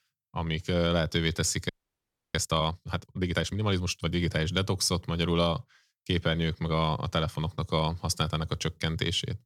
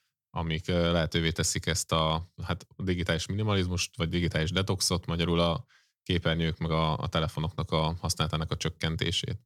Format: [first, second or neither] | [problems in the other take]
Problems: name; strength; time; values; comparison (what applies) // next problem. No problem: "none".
second | audio freezing; at 1.5 s for 0.5 s